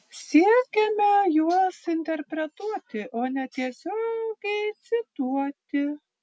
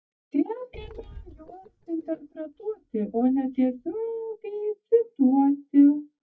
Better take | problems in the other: first | noise reduction (neural mask model DeepFilterNet 3)

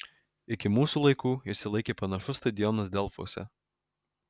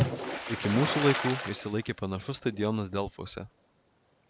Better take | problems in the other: first | background sound (Splash, splatter); 5 dB below the speech

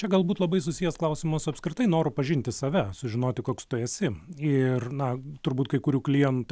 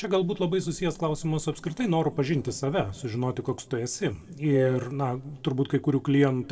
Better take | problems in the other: first | noise reduction (neural separator model SepFormer DNS4)

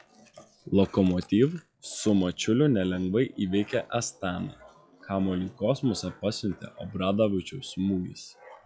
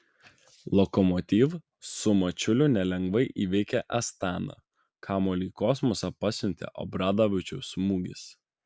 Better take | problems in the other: second | noise reduction (classical method log-MMSE)

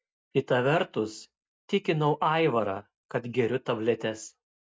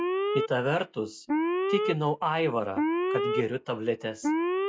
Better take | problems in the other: first | noise reduction (classical method log-MMSE)

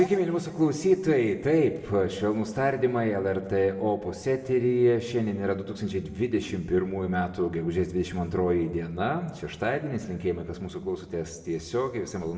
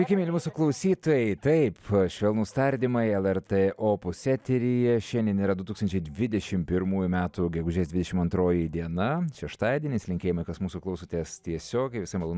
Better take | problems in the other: second | room echo; dies away in 1 s

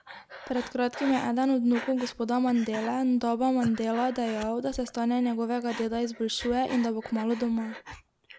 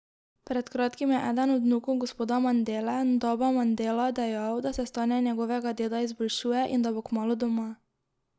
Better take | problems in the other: second | background sound (Breathing); 16 dB below the speech

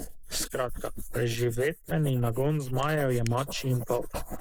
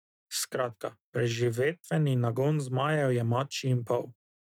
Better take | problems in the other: second | noise reduction (neural mask model Resemble Enhance denoiser)

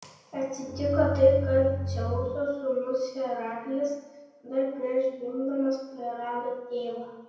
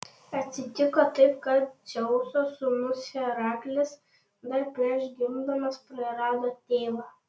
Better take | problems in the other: second | background sound (Bowed string instrument); 4 dB below the speech // room echo; dies away in 0.9 s

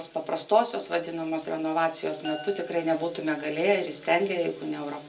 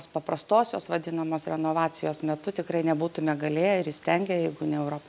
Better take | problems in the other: second | background sound (Glass); 19 dB below the speech // room echo; dies away in 0.2 s

